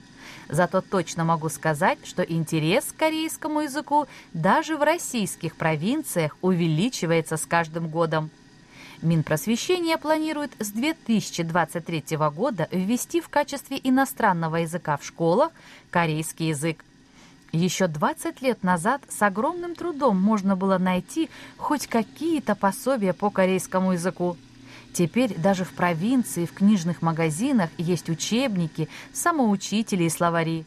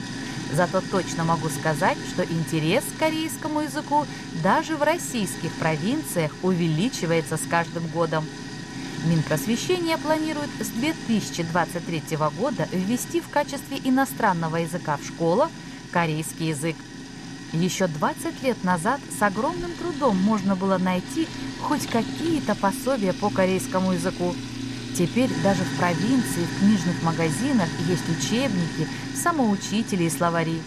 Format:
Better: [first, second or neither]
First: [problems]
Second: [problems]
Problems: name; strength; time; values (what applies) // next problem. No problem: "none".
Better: first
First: household noises; faint; throughout; 25 dB below the speech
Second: household noises; loud; throughout; 8 dB below the speech